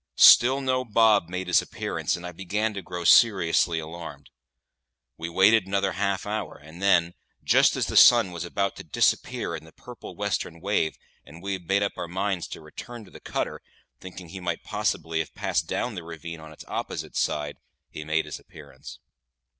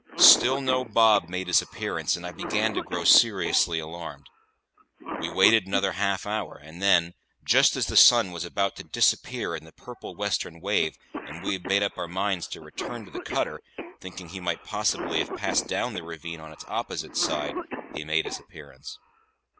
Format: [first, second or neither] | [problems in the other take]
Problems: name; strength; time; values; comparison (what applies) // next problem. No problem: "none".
first | background sound (Cough); 11 dB below the speech